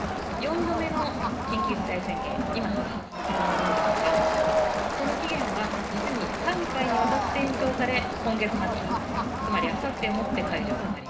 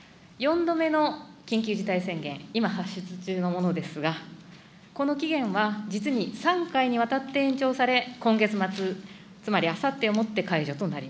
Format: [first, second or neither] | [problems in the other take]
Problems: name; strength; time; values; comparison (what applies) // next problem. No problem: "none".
second | background sound (Crowd); 4 dB above the speech // room echo; dies away in 0.2 s